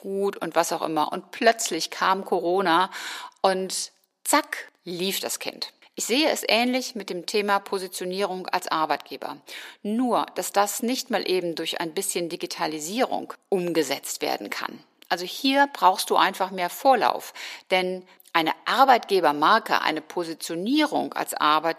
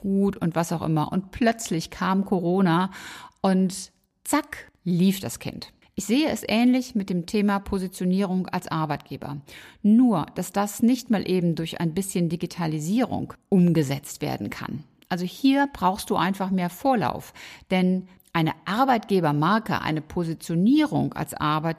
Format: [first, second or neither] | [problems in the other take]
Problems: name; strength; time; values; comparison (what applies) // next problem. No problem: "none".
second | thin; somewhat; fading below 400 Hz